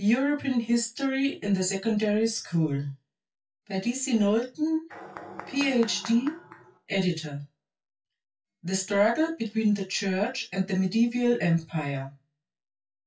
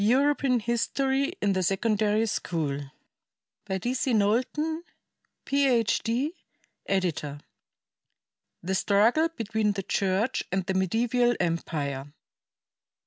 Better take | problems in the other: second | noise reduction (classical method WPE with log-MMSE)

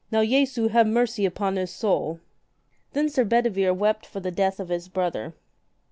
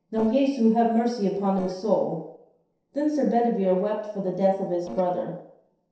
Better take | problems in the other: first | noise reduction (neural separator model SepFormer DNS4)

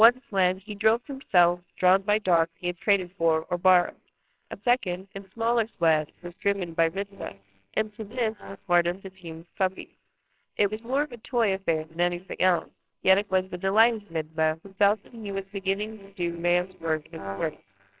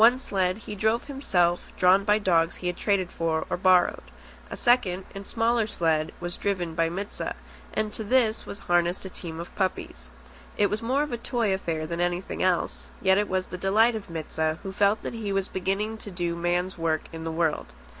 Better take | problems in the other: second | noise reduction (neural separator model SepFormer WHAMR!)

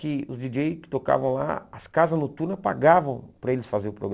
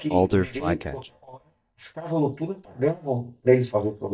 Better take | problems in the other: first | noise reduction (neural mask model DeepFilterNet 3)

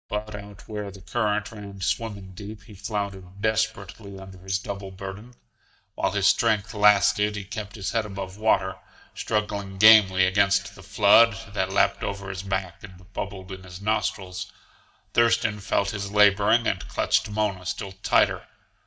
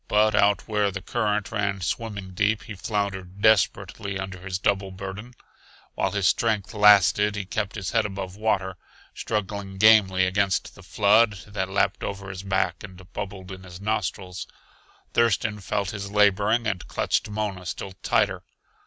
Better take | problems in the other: second | noise reduction (neural mask model DeepFilterNet 3)

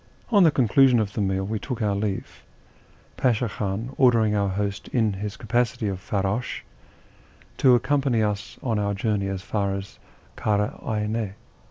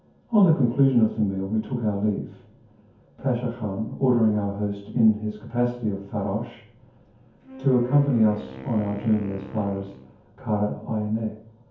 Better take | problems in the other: first | background sound (Wind instrument, woodwind instrument); 16 dB below the speech // room echo; dies away in 0.6 s

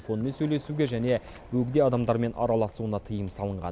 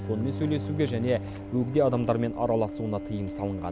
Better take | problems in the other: first | background sound (Bowed string instrument); 8 dB below the speech

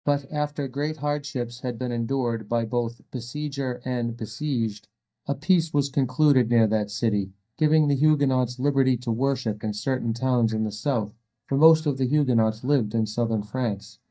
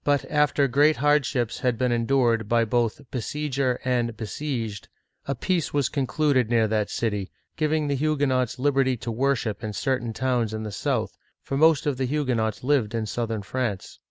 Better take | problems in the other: second | noise reduction (neural mask model DeepFilterNet 3)

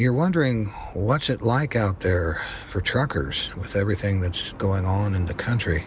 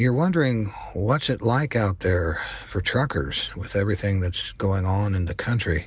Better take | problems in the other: second | background sound (Chirp, tweet); 19 dB below the speech

